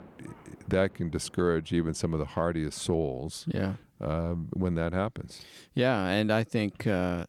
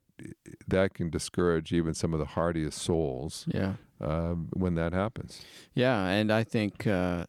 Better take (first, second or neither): second